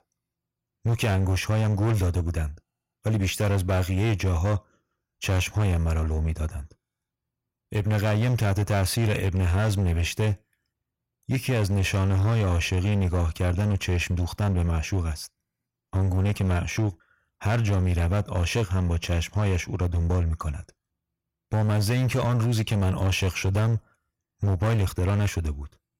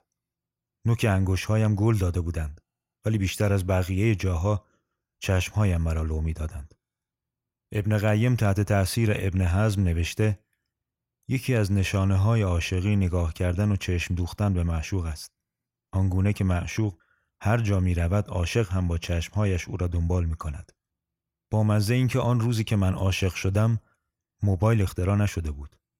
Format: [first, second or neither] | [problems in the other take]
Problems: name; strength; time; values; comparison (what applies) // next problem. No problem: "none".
second | distortion; slight; 17% of the sound clipped